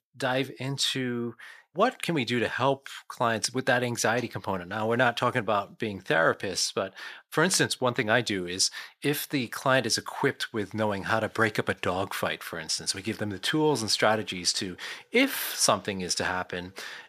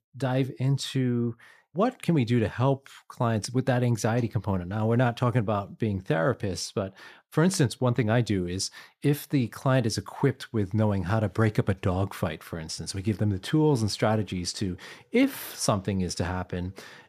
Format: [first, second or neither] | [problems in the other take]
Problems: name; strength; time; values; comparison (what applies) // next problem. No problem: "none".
second | thin; somewhat; fading below 750 Hz